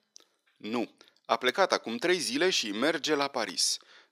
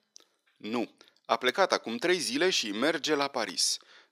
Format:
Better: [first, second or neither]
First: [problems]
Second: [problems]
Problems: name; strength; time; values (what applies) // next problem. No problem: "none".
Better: neither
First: thin; very; fading below 400 Hz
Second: thin; very; fading below 400 Hz